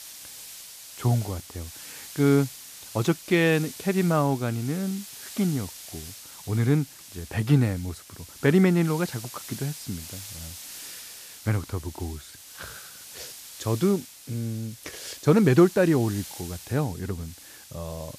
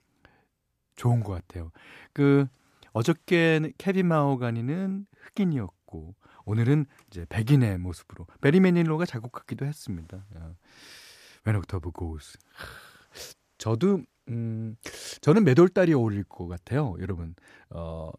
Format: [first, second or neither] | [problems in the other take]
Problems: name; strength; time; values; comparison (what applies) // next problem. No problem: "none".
second | hiss; noticeable; throughout; 15 dB below the speech